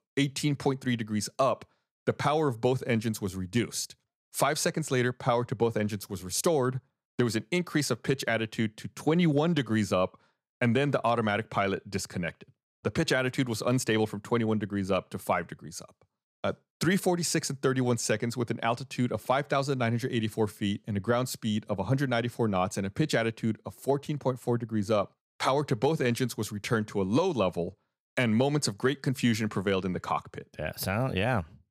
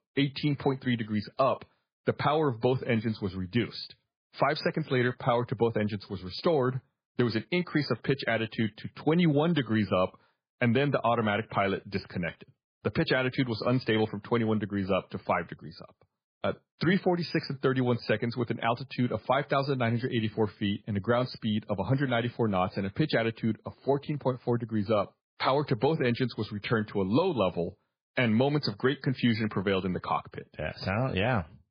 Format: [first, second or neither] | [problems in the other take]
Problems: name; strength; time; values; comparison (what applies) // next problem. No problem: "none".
first | garbled, watery; badly; nothing above 5 kHz